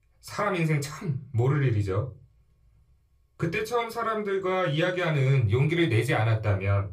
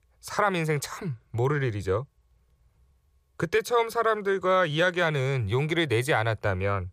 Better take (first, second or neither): second